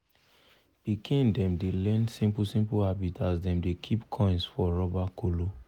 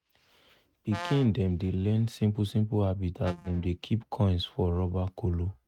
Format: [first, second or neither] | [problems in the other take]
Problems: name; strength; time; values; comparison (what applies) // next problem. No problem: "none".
first | noise reduction (neural mask model RNNoise)